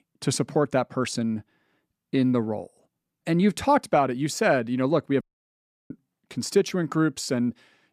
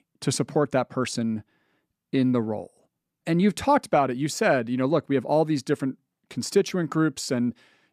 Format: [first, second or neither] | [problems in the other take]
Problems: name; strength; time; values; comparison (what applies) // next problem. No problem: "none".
second | audio cutting out; at 5 s for 0.5 s